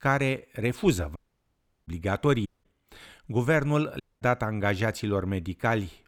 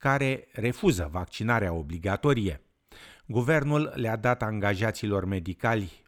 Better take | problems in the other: second | audio cutting out; at 1 s for 0.5 s, at 2.5 s and at 4 s

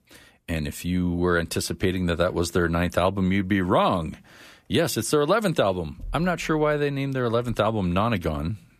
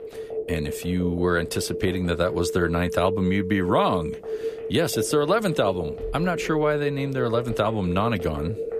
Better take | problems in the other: first | alarms or sirens; loud; throughout; 7 dB below the speech

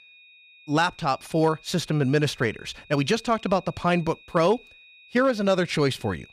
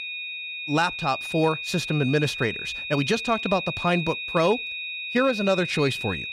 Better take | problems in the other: first | high-pitched whine; loud; throughout; 2.5 kHz, 5 dB below the speech; faint in the first

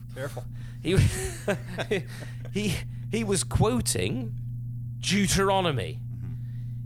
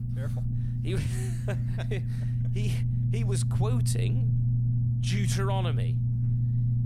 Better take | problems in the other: first | low rumble; loud; throughout; 2 dB below the speech; faint in the first

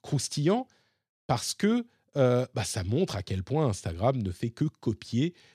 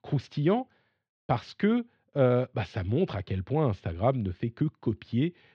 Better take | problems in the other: first | muffled; very; fading above 3 kHz

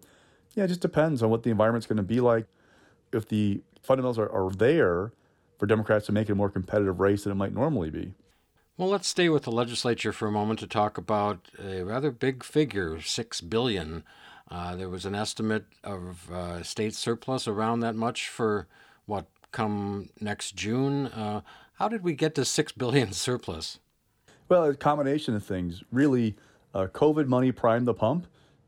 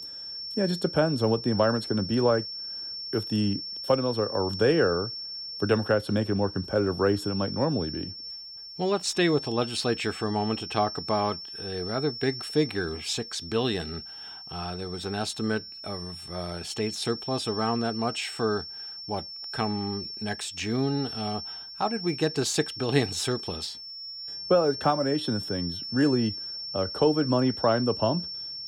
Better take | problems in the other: first | high-pitched whine; loud; throughout; 5.5 kHz, 8 dB below the speech

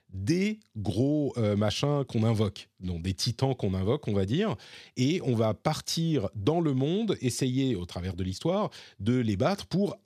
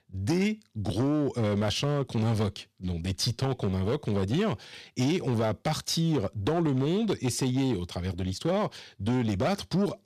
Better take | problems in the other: first | distortion; slight; 12% of the sound clipped

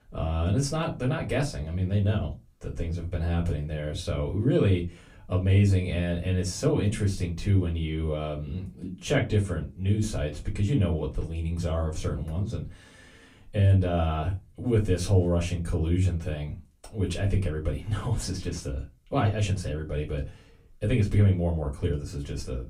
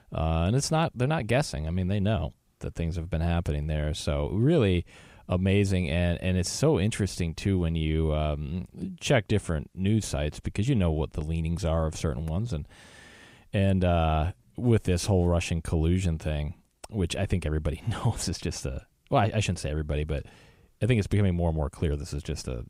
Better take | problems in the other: second | off-mic speech; far // room echo; very slight; dies away in 0.2 s

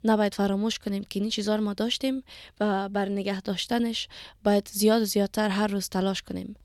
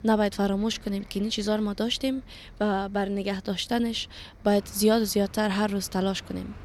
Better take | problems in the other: first | traffic noise; faint; throughout; 20 dB below the speech

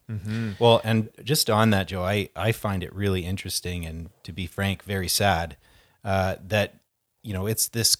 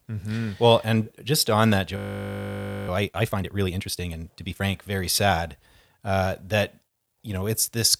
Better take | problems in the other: first | audio freezing; at 2 s for 1 s

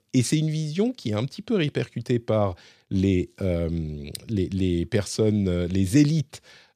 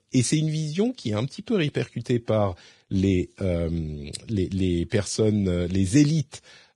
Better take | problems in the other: first | garbled, watery; badly

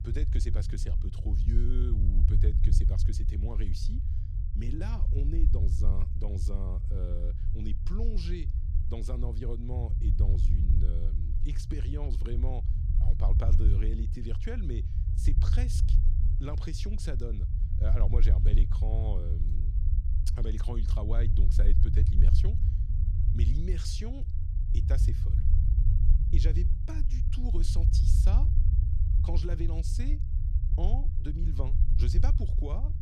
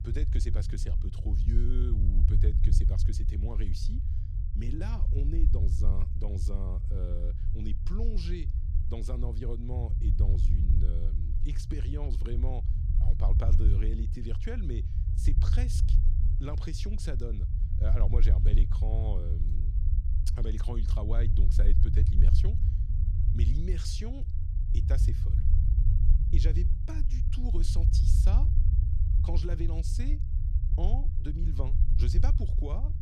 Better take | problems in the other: neither | low rumble; loud; throughout; 3 dB below the speech; the same in both

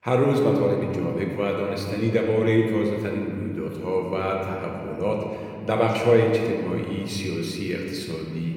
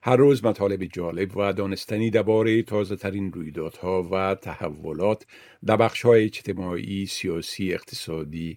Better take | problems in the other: second | room echo; noticeable; dies away in 2.3 s // off-mic speech; somewhat distant

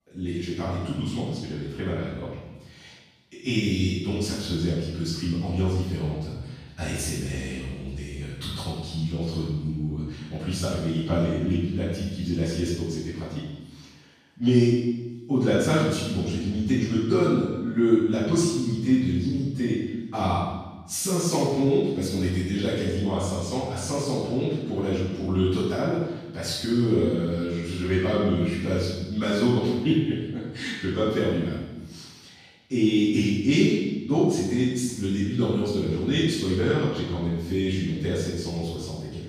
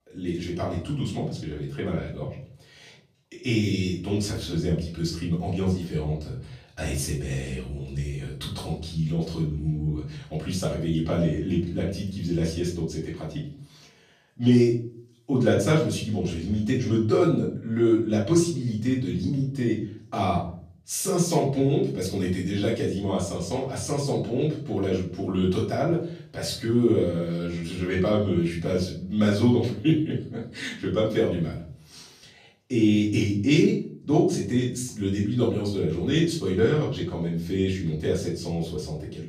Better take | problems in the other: second | room echo; strong; dies away in 1 s; slight in the second // off-mic speech; far; far in the second

